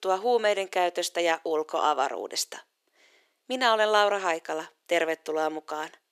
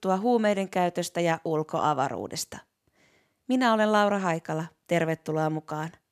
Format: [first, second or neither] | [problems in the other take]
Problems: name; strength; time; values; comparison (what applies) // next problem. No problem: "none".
second | thin; very; fading below 400 Hz